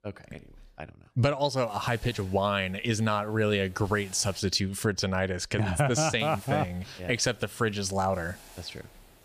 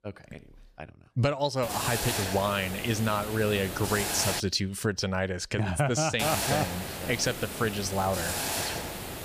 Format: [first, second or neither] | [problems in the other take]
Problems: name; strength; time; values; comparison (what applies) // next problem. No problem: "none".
first | hiss; loud; from 1.5 to 4.5 s and from 6 s on; 3 dB below the speech; faint in the first